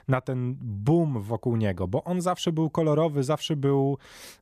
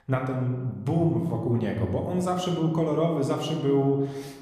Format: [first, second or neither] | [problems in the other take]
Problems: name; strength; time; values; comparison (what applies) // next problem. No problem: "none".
first | room echo; noticeable; dies away in 1 s // off-mic speech; somewhat distant